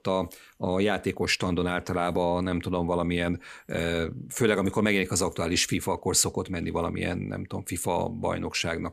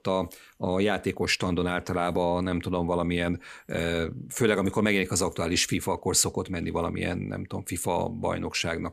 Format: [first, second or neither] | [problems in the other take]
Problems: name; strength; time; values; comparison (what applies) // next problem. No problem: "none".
neither | none